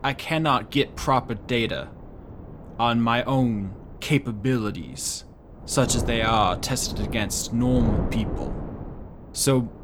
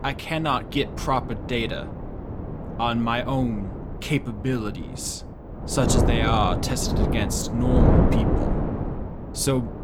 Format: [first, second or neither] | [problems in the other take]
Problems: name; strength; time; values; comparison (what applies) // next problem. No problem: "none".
first | wind noise on the microphone; heavy; 5 dB below the speech; occasional gusts in the first